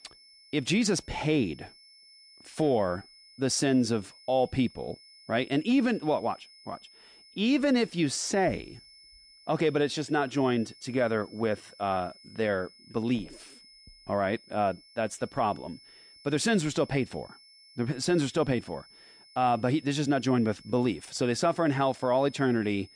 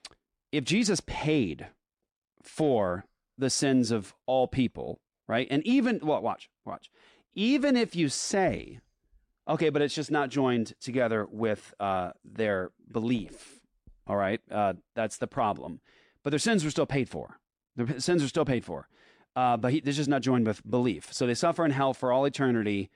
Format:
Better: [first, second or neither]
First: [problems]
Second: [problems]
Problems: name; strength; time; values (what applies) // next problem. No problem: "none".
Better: second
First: high-pitched whine; faint; throughout; 5.5 kHz, 25 dB below the speech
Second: none